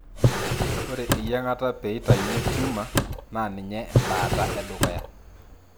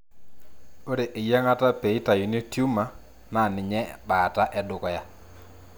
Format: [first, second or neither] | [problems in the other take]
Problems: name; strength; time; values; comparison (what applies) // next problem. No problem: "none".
second | background sound (Drawer open or close); 4 dB above the speech